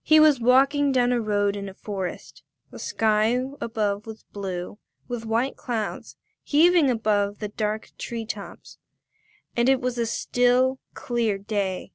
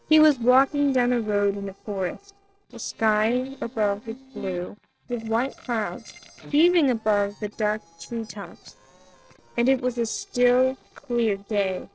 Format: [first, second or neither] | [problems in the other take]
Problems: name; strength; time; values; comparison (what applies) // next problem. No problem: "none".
first | noise reduction (neural separator model SepFormer DNS4)